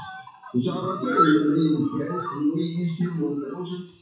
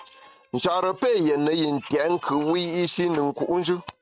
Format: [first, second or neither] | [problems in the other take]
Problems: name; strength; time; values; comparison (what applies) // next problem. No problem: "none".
second | noise reduction (classical method WPE with log-MMSE)